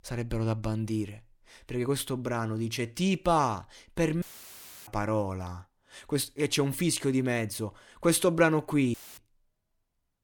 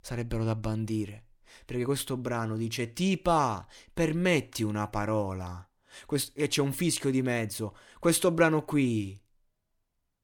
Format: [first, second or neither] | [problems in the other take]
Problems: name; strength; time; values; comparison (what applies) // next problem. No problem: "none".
second | audio cutting out; filled with static; at 4 s for 0.5 s and at 9 s